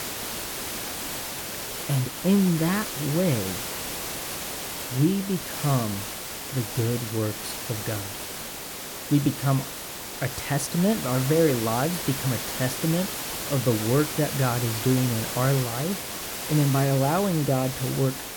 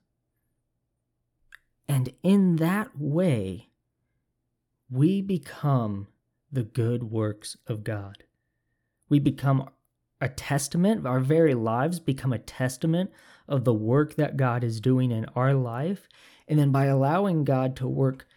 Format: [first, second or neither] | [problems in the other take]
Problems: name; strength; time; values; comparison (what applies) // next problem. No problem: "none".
second | hiss; loud; throughout; 5 dB below the speech